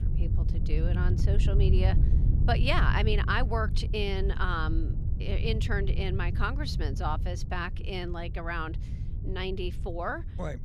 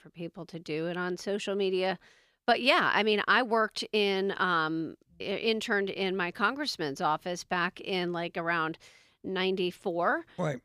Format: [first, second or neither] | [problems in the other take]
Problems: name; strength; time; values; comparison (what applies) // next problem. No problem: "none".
second | wind noise on the microphone; occasional gusts; 10 dB below the speech